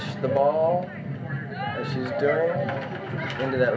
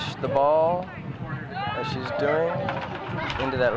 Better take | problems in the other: second | background sound (Wind instrument, woodwind instrument); 18 dB below the speech // room echo; dies away in 0.3 s

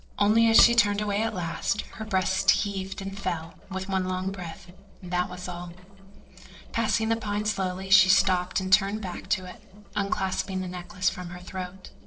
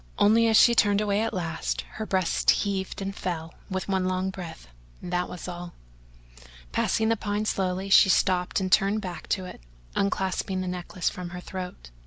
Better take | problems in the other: second | noise reduction (neural separator model SepFormer DNS4)

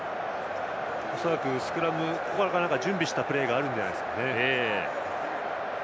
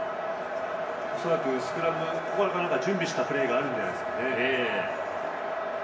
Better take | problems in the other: first | room echo; dies away in 1 s

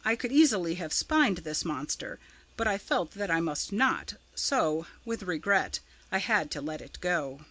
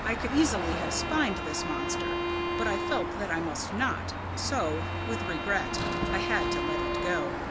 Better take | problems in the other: first | background sound (Car passing by / Traffic noise, roadway noise / Engine + Bowed string instrument); 1 dB above the speech

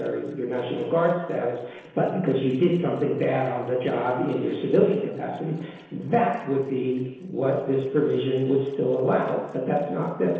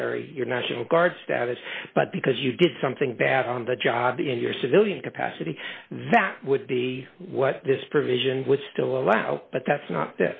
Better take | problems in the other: second | noise reduction (neural separator model SepFormer DNS4)

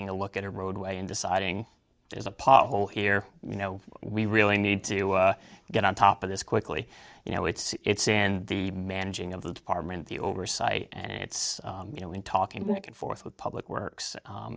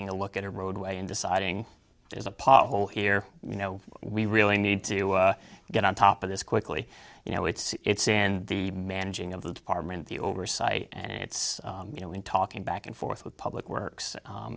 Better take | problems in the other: second | noise reduction (neural mask model DeepFilterNet 3)

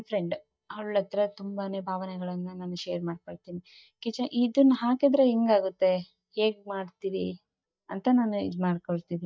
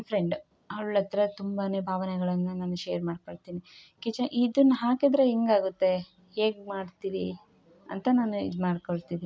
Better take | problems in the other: second | noise reduction (neural mask model DeepFilterNet 3)

